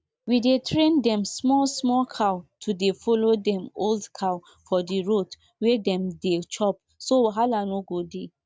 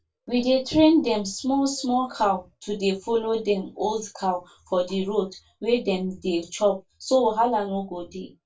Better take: first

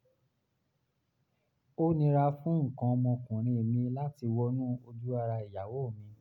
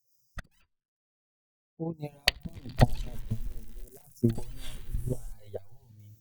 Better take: first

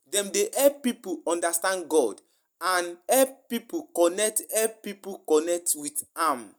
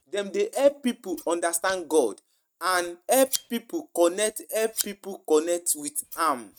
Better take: first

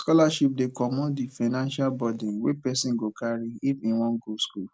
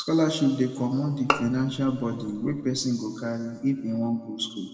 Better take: first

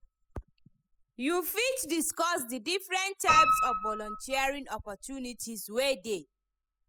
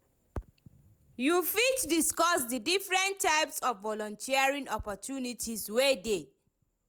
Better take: second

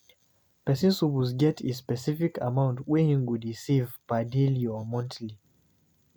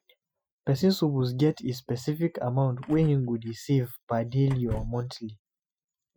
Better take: first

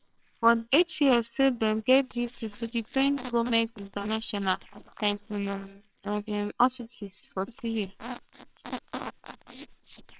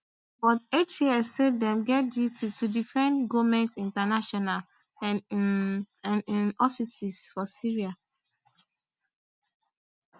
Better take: second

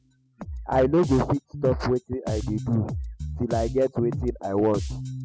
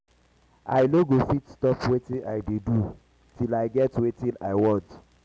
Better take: second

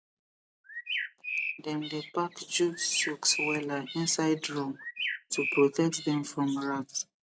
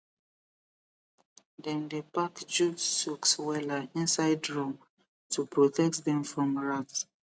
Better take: second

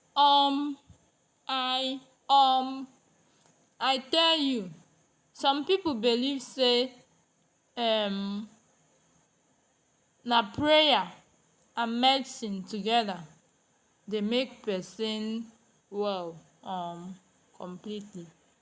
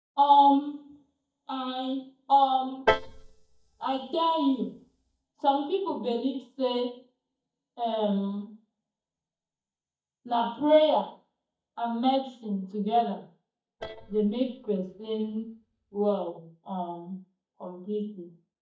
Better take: first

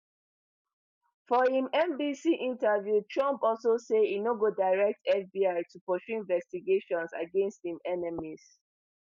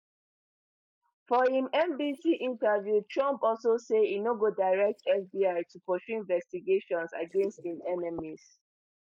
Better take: first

